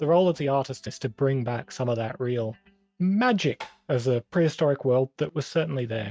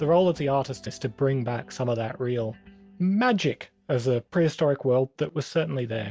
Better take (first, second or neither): second